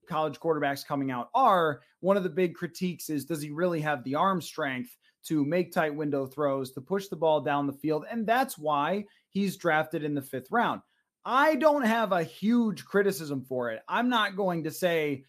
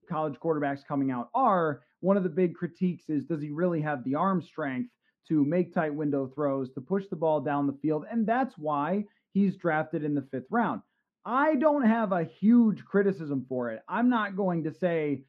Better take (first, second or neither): first